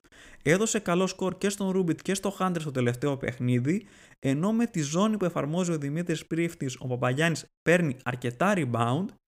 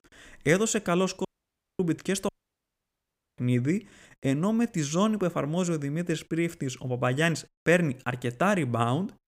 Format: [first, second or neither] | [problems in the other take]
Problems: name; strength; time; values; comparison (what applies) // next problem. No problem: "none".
first | audio cutting out; at 1.5 s for 0.5 s and at 2.5 s for 1 s